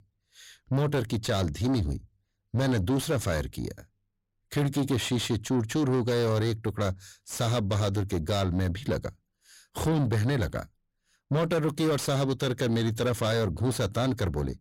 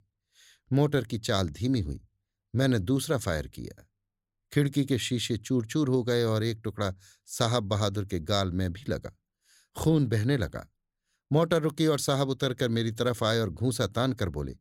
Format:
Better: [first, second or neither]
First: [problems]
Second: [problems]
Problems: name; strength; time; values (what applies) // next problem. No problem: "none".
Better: second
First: distortion; heavy; 8 dB below the speech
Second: none